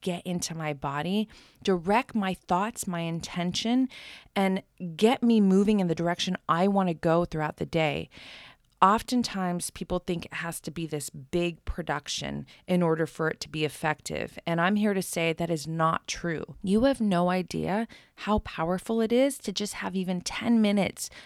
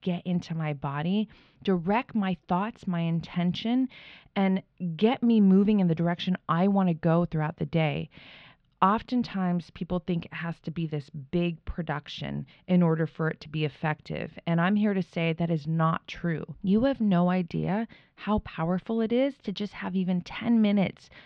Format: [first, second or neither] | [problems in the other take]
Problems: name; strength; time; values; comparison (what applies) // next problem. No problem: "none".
first | muffled; slightly; fading above 4 kHz